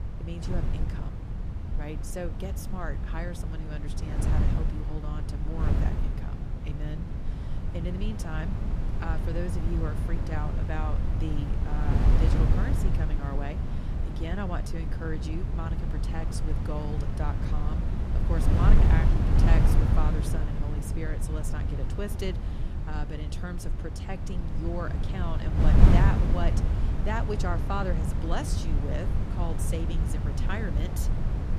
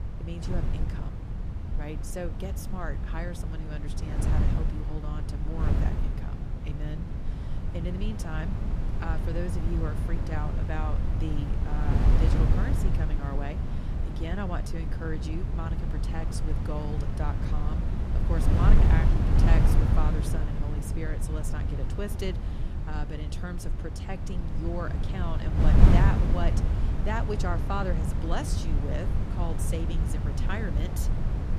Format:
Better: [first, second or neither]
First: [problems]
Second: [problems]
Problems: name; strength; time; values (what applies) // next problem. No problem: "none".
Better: neither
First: wind noise on the microphone; heavy; 1 dB below the speech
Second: wind noise on the microphone; heavy; 1 dB below the speech